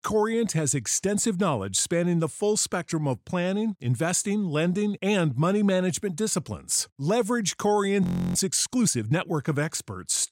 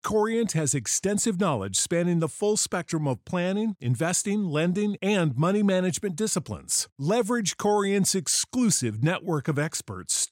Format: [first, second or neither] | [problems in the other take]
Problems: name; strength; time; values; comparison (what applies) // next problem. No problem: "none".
second | audio freezing; at 8 s